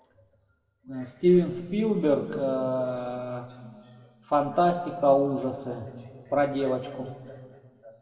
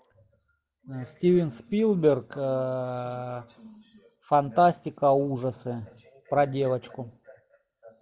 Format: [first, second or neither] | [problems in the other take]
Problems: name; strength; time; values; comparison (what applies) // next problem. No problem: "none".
second | room echo; dies away in 1.9 s